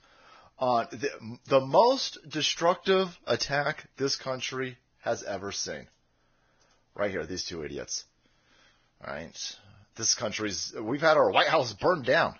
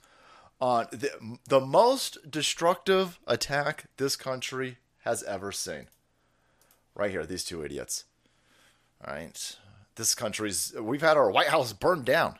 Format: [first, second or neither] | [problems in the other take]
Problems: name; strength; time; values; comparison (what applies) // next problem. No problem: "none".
second | garbled, watery; badly; nothing above 6.5 kHz